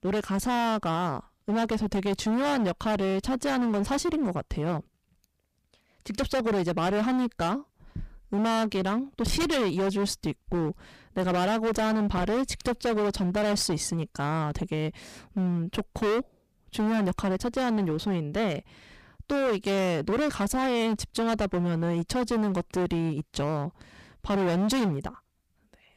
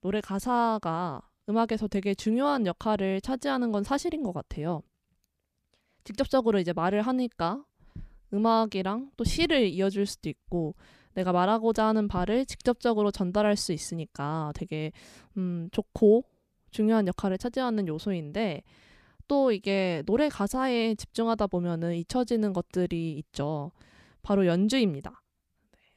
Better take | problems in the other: second | distortion; heavy; 23% of the sound clipped

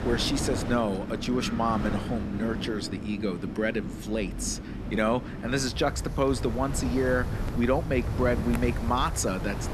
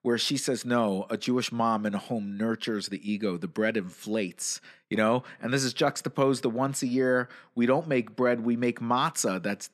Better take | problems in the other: second | wind in the background; loud; throughout; 5 dB below the speech

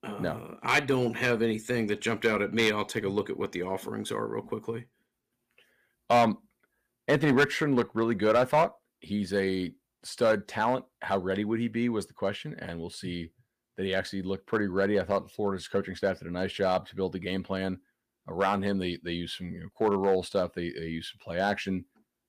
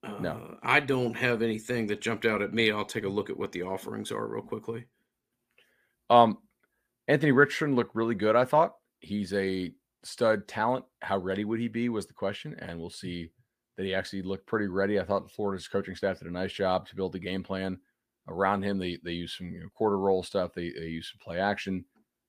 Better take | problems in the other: second | distortion; slight; 1.3% of the sound clipped

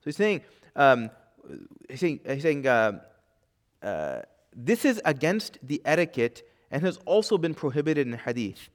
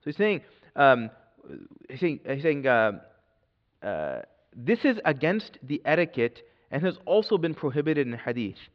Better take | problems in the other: first | muffled; very slightly; fading above 4 kHz

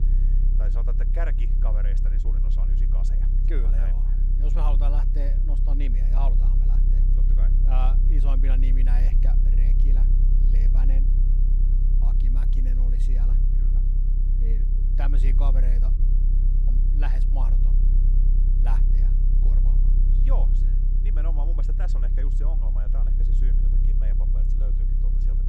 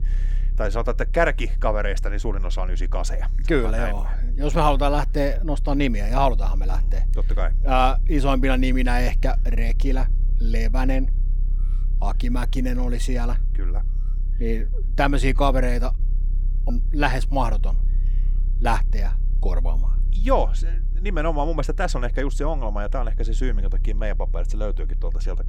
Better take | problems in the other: second | low rumble; loud; throughout; 4 dB below the speech; faint in the second

